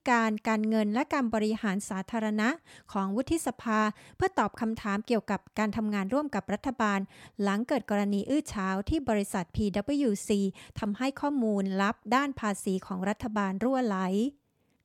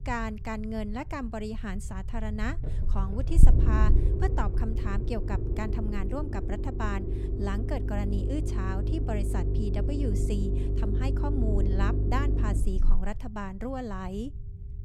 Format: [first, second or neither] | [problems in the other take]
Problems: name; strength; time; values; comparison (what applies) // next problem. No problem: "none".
first | low rumble; loud; throughout; 3 dB below the speech